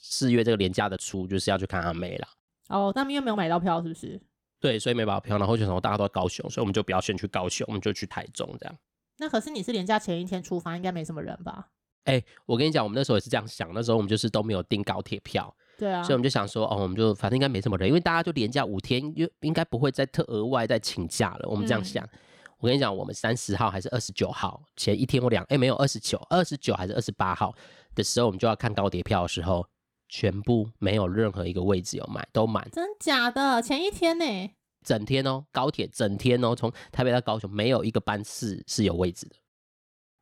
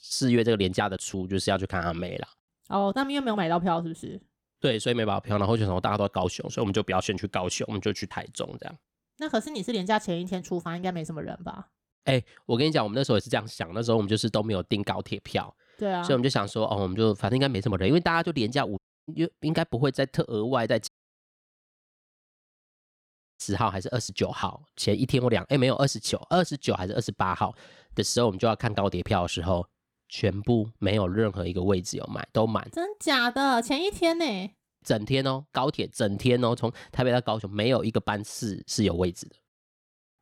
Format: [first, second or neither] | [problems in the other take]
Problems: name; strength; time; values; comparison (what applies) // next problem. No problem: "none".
first | audio cutting out; at 19 s and at 21 s for 2.5 s